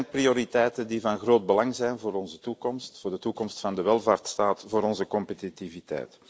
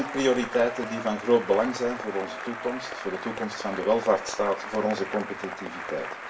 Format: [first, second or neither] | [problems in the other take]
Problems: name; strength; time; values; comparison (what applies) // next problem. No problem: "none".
first | background sound (Applause / Cheering); 9 dB below the speech // room echo; dies away in 0.3 s